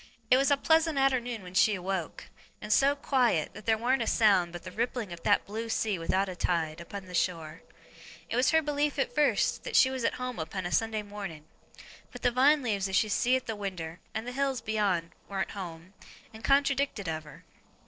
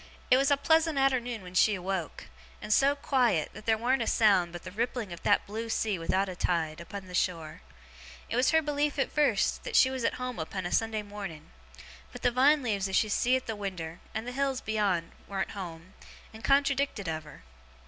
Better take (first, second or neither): second